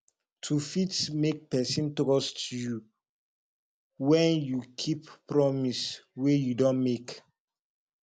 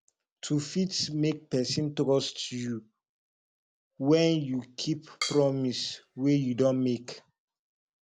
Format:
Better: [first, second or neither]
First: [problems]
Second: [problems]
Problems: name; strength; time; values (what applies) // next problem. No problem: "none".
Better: first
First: none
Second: background sound (Drum kit); 12 dB below the speech